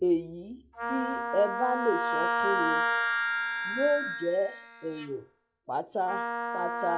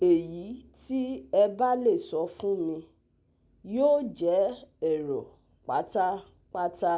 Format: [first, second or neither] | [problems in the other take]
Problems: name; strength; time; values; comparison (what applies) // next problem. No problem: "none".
second | noise reduction (classical method log-MMSE)